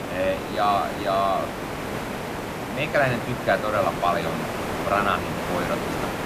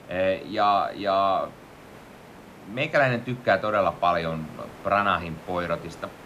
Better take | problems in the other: second | hiss; loud; throughout; 4 dB below the speech; faint in the second

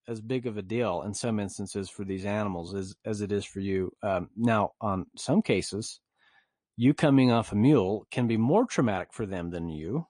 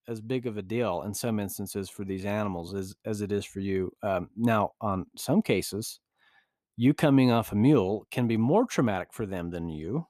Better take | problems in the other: second | garbled, watery; slightly; nothing above 10 kHz

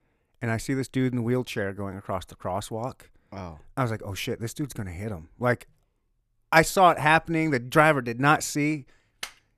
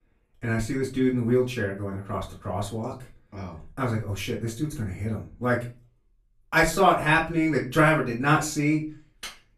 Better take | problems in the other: first | off-mic speech; far // room echo; very slight; dies away in 0.3 s

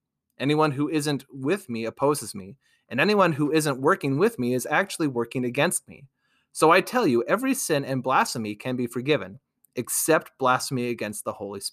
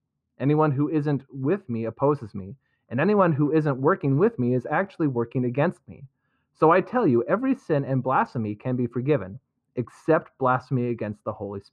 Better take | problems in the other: first | muffled; very; fading above 1.5 kHz

